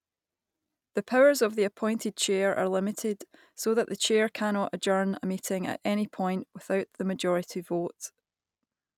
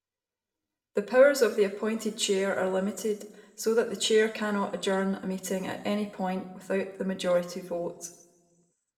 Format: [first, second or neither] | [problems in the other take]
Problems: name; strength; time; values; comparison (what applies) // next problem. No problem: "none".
first | room echo; dies away in 0.8 s